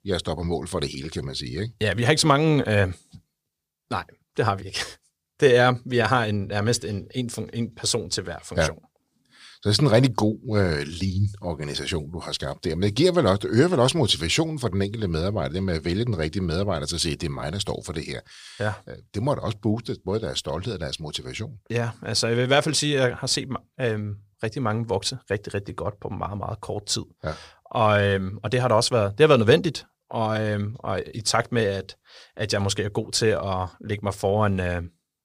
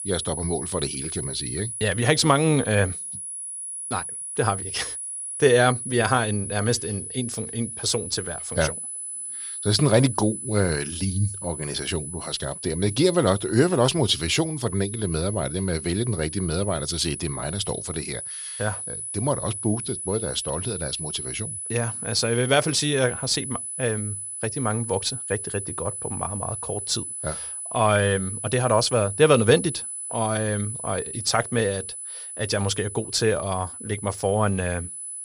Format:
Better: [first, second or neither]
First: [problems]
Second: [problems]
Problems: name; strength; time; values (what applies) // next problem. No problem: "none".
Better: first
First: none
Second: high-pitched whine; loud; throughout; 10 kHz, 6 dB below the speech